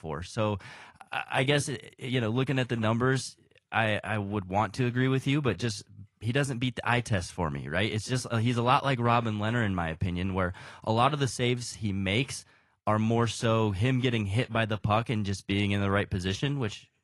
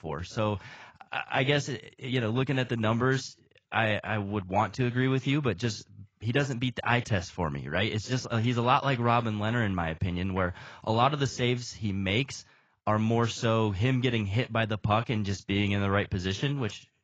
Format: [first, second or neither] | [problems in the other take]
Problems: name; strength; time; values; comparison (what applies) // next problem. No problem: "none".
first | garbled, watery; badly; nothing above 7.5 kHz; slightly in the first